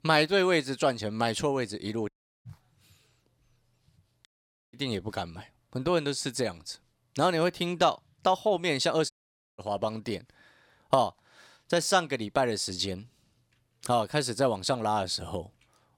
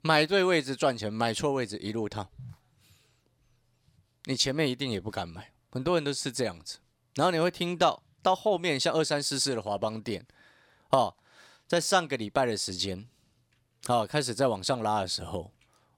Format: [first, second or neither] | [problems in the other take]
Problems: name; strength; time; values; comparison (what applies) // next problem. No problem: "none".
second | audio cutting out; at 2 s, at 4.5 s and at 9 s